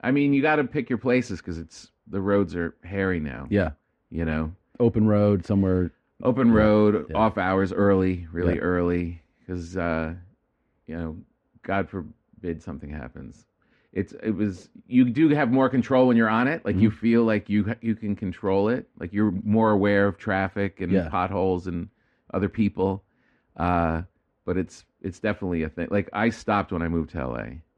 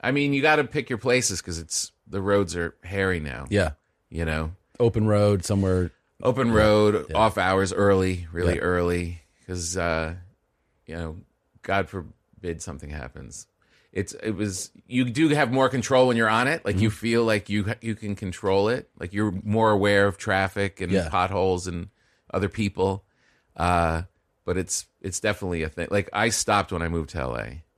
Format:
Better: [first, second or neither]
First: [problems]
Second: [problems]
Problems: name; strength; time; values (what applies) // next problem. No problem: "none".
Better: second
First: muffled; very; fading above 2.5 kHz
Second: none